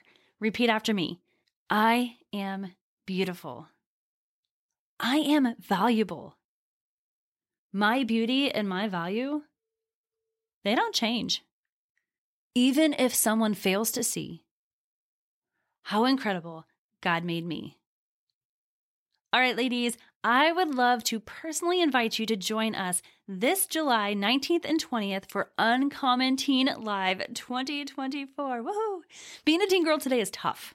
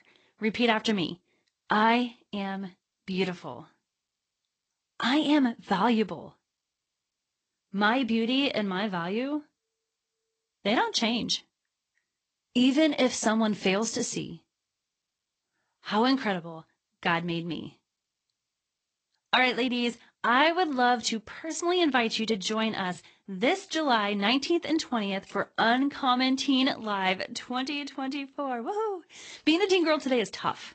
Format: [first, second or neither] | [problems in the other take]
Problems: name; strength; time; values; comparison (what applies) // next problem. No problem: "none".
first | garbled, watery; slightly; nothing above 8 kHz